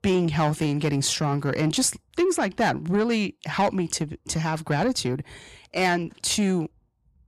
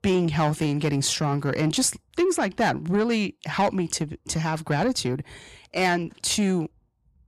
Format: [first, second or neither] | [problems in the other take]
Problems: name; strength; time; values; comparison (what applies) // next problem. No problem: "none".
neither | distortion; slight; 10 dB below the speech; the same in both